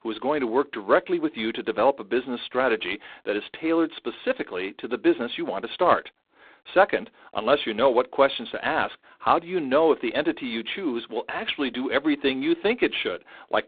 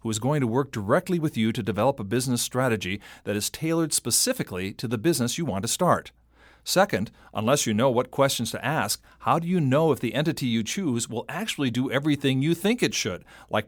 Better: second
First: phone-call audio; poor line; nothing above 3.5 kHz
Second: none

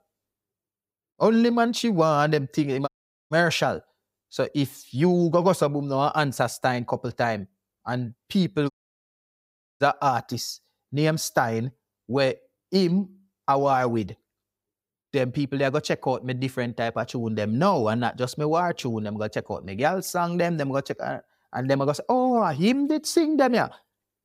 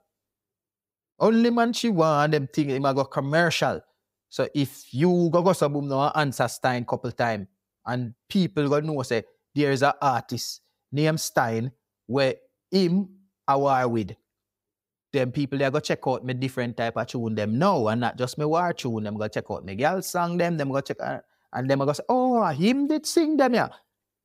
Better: second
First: audio cutting out; at 3 s and at 8.5 s for 1 s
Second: none

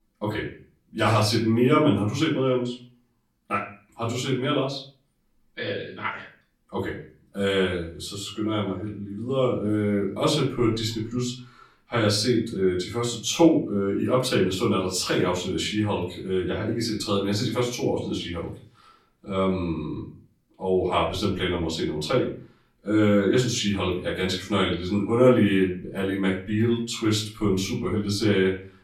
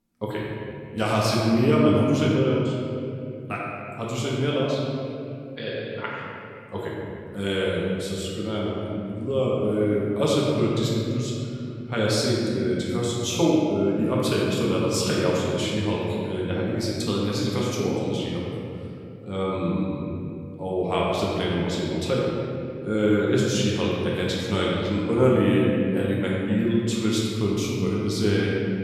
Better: first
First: room echo; slight; dies away in 0.4 s // off-mic speech; far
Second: room echo; strong; dies away in 2.8 s // off-mic speech; far

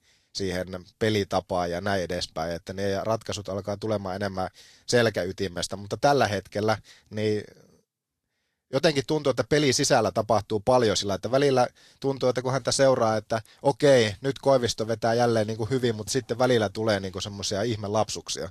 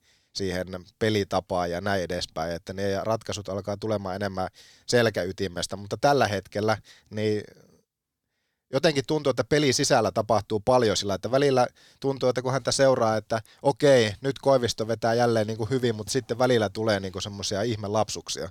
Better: second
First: garbled, watery; slightly; nothing above 13 kHz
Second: none

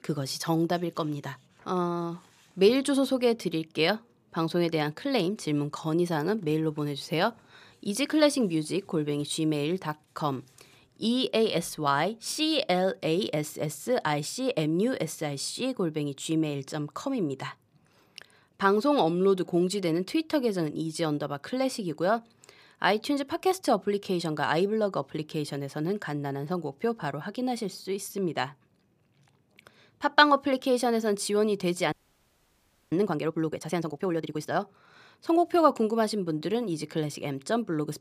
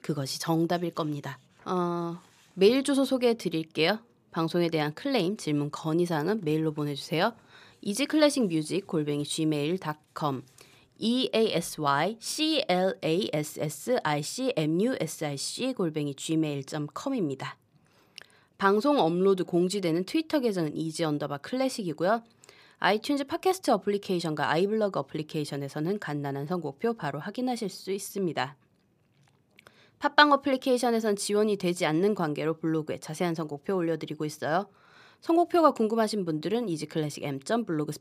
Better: second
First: audio freezing; at 32 s for 1 s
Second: none

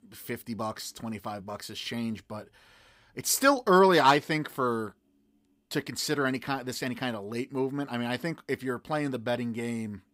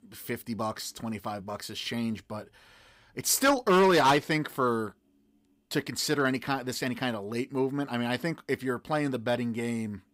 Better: first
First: none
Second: distortion; slight; 1.8% of the sound clipped

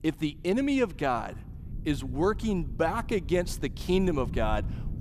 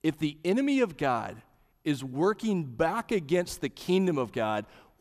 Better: second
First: low rumble; faint; throughout; 20 dB below the speech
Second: none

